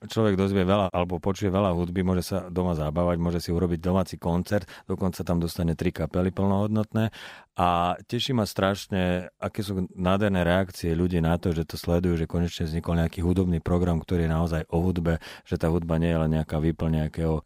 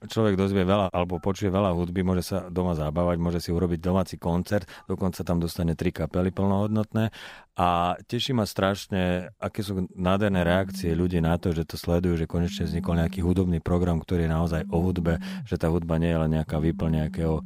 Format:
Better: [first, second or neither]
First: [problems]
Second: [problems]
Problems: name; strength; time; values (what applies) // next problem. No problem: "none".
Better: first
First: none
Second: alarms or sirens; noticeable; throughout; 10 dB below the speech